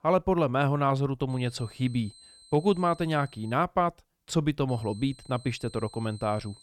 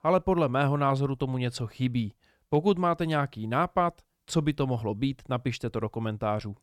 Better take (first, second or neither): second